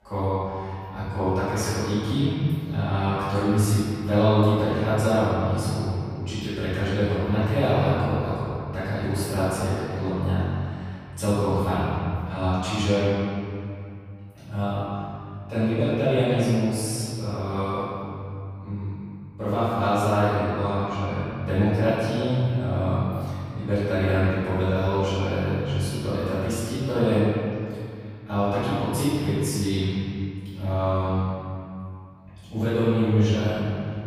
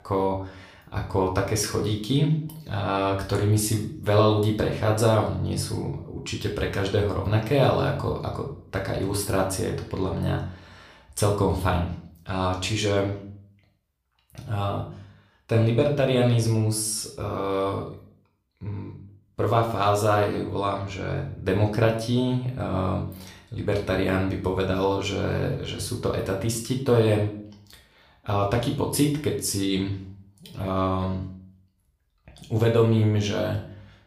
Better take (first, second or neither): second